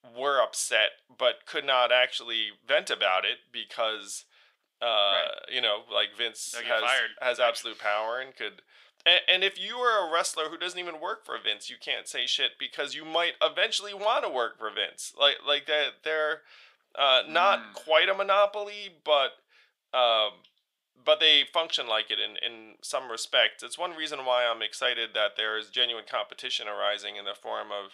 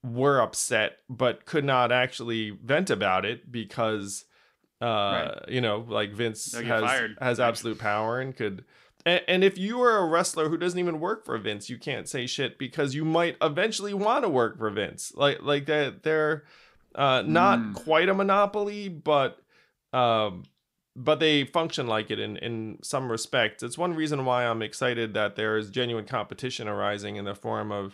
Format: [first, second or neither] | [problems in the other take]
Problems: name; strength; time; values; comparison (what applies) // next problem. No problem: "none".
second | thin; very; fading below 650 Hz